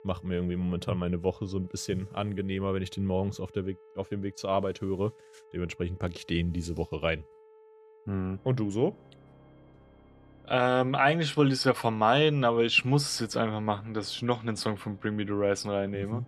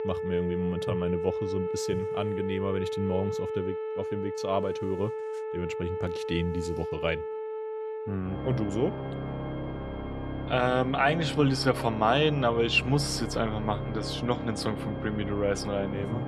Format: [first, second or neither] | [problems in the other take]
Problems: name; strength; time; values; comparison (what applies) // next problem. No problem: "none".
first | background music; loud; throughout; 5 dB below the speech; faint in the first